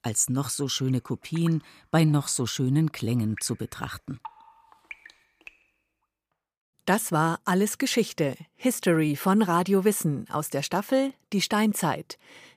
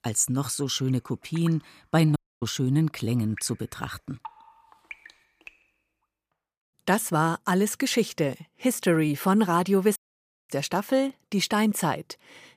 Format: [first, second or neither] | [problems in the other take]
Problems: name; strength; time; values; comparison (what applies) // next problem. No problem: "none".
first | audio cutting out; at 2 s and at 10 s for 0.5 s